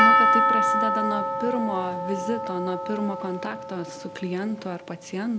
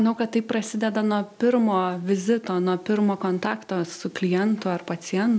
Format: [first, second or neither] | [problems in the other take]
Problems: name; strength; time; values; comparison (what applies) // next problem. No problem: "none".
second | background sound (Percussion); 5 dB above the speech